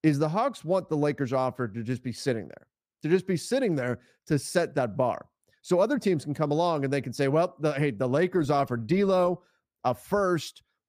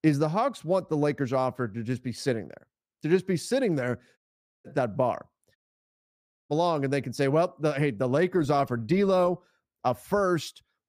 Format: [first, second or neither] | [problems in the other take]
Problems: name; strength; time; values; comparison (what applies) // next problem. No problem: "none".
first | audio cutting out; at 4 s and at 5.5 s for 1 s